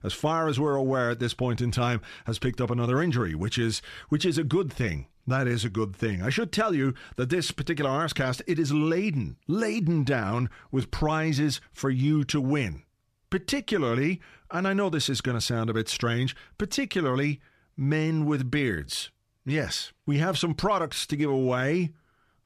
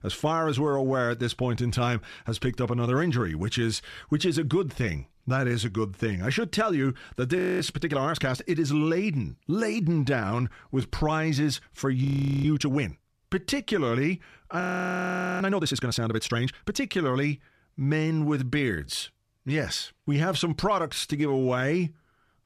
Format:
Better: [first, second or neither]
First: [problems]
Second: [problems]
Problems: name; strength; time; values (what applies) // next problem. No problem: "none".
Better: first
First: none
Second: audio freezing; at 7.5 s, at 12 s and at 15 s for 1 s